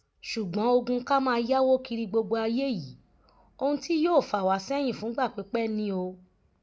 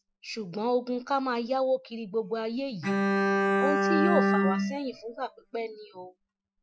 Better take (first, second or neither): first